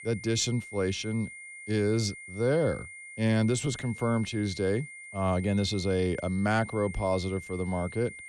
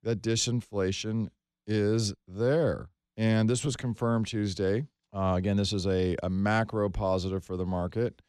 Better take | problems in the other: second | high-pitched whine; noticeable; throughout; 2 kHz, 15 dB below the speech

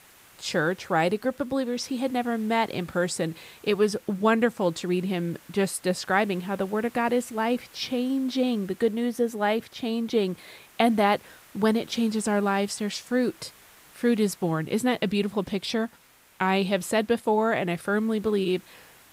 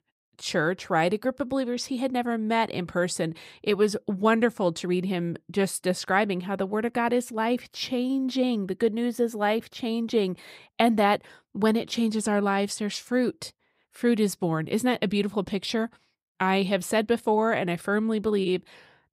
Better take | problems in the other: second | hiss; faint; throughout; 25 dB below the speech

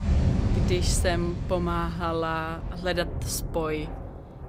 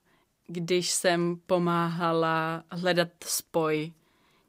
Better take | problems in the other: second | rain or running water; loud; throughout; 1 dB below the speech

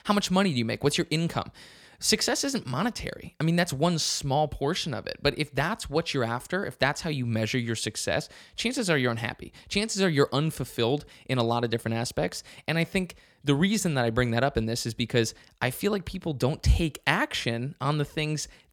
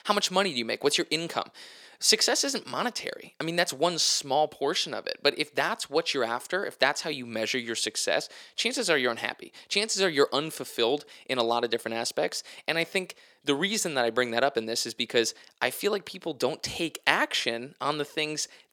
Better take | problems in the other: first | thin; somewhat; fading below 400 Hz

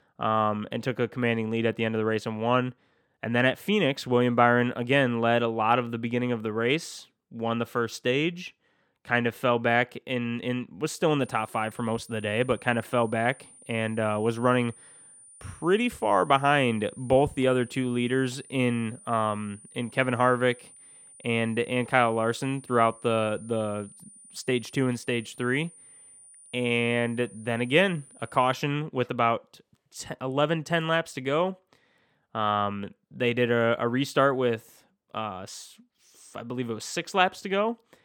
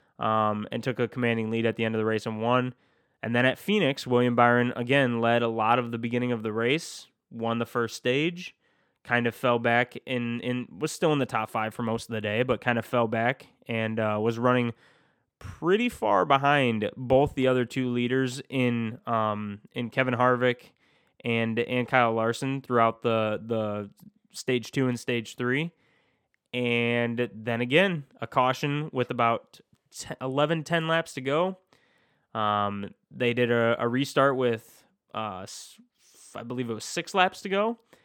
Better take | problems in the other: second | high-pitched whine; faint; from 11 to 29 s; 9.5 kHz, 20 dB below the speech

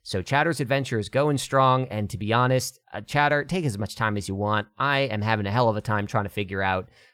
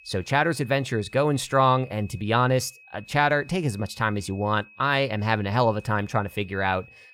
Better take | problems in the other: first | high-pitched whine; faint; throughout; 2.5 kHz, 25 dB below the speech

